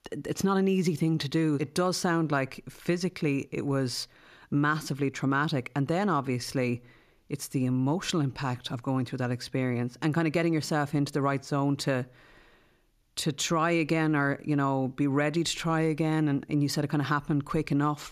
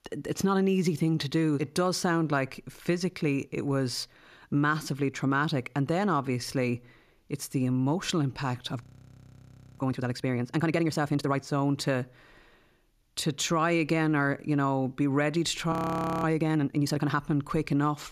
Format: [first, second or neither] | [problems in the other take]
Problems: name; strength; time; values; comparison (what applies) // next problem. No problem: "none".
first | audio freezing; at 9 s for 1 s and at 16 s for 0.5 s